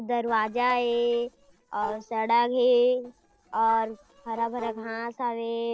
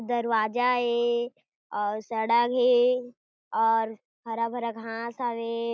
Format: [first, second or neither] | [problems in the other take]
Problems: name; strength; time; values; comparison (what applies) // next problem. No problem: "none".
second | noise reduction (neural separator model SepFormer DNS4)